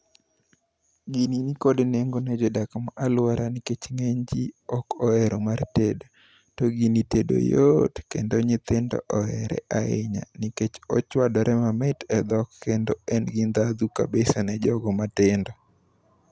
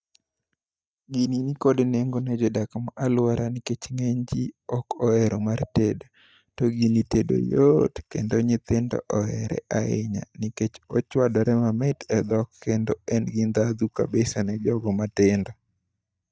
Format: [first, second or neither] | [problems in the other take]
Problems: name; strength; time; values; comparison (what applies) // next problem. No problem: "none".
first | noise reduction (neural mask model DeepFilterNet 3)